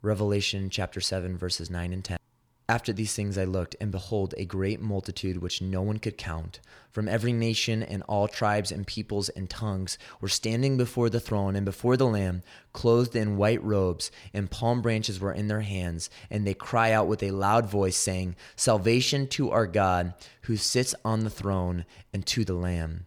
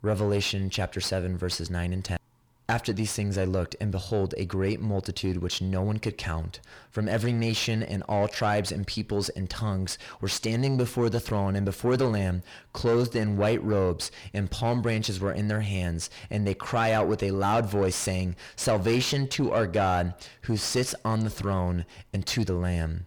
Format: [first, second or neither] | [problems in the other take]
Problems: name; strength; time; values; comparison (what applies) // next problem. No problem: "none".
first | distortion; slight; 10 dB below the speech